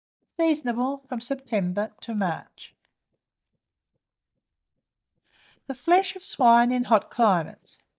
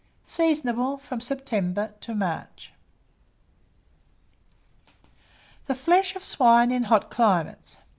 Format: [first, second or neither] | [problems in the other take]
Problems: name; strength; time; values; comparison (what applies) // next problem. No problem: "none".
second | noise reduction (neural mask model DeepFilterNet 3)